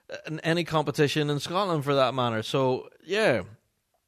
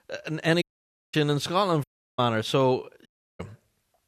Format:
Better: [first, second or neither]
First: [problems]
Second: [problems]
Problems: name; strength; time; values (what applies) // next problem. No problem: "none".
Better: first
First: none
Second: audio cutting out; at 0.5 s for 0.5 s, at 2 s and at 3 s